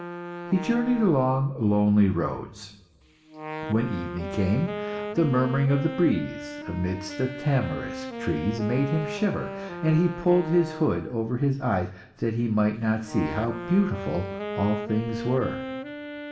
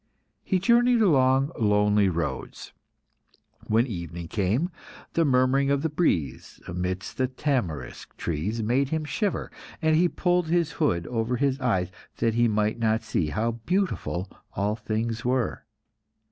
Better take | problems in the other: second | background sound (Wind instrument, woodwind instrument); 10 dB below the speech // room echo; dies away in 0.9 s

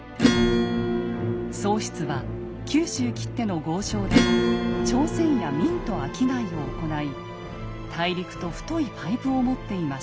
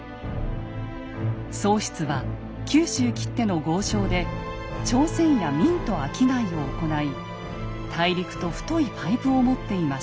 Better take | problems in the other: second | background sound (Acoustic guitar / Strum); as loud as the speech

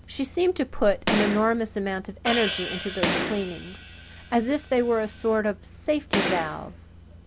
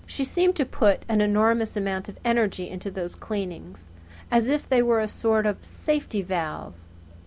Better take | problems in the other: second | background sound (Hi-hat + Gunshot, gunfire); 5 dB below the speech

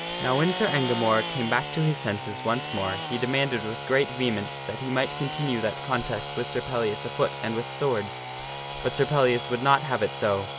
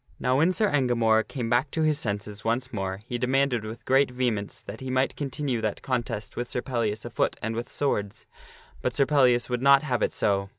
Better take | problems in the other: second | background sound (Sawing / Engine); 7 dB below the speech

